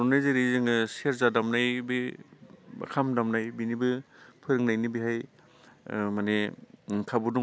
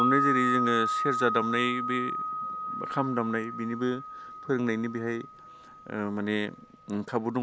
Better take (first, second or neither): first